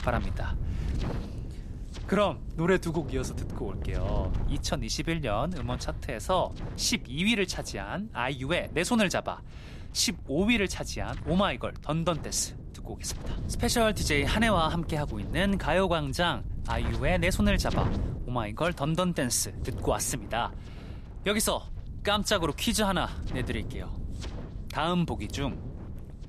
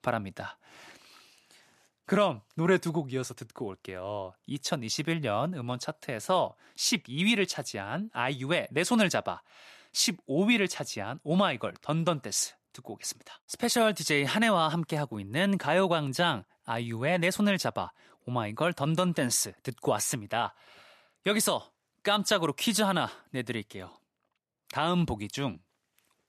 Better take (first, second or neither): second